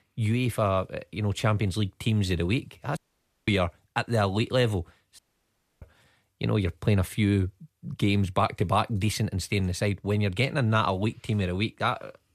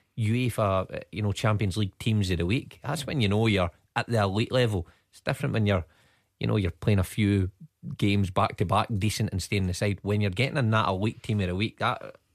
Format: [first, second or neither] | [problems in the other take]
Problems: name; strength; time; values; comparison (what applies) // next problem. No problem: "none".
second | audio cutting out; at 3 s for 0.5 s and at 5 s for 0.5 s